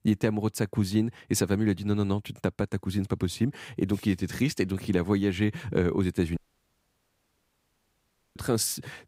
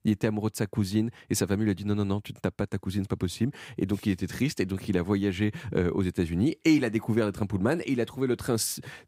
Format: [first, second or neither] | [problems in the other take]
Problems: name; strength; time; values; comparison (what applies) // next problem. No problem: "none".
second | audio cutting out; at 6.5 s for 2 s